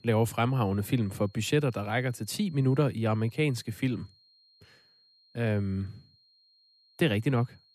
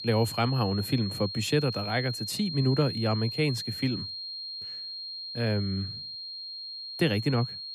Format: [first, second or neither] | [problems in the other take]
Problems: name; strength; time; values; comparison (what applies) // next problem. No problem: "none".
first | high-pitched whine; loud; throughout; 4 kHz, 7 dB below the speech; faint in the first